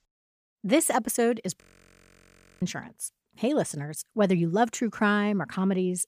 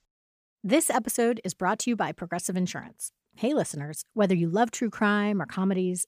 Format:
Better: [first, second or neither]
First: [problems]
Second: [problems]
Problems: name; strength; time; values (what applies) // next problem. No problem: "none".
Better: second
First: audio freezing; at 1.5 s for 1 s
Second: none